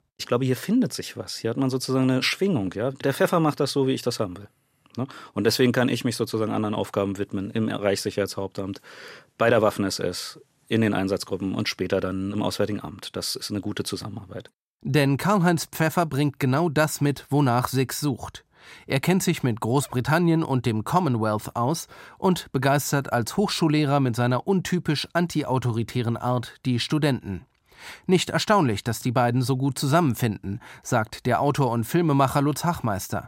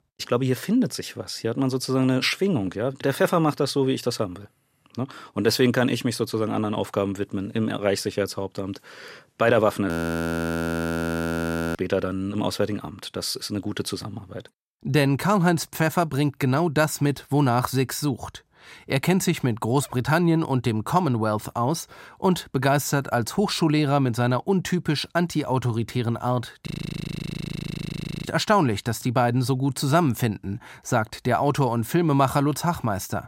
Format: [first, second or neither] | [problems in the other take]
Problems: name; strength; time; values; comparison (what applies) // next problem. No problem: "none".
first | audio freezing; at 10 s for 2 s and at 27 s for 1.5 s